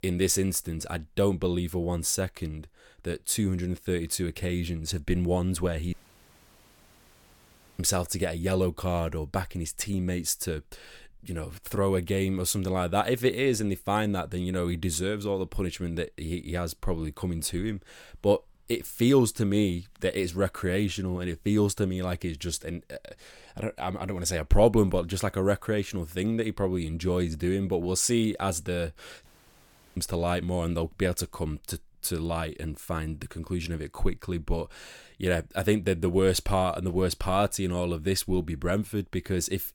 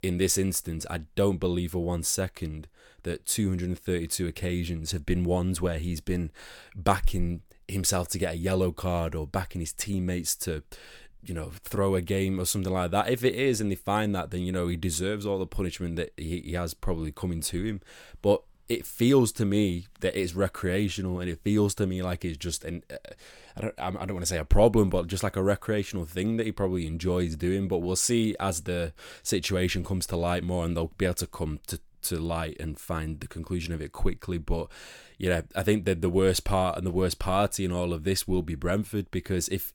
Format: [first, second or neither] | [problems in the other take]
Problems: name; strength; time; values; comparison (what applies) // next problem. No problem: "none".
second | audio cutting out; at 6 s for 2 s and at 29 s for 0.5 s